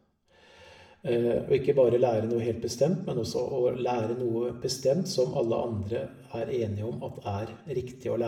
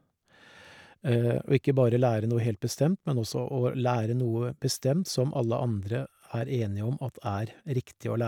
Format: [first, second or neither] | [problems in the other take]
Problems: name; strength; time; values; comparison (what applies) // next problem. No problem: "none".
second | room echo; dies away in 0.7 s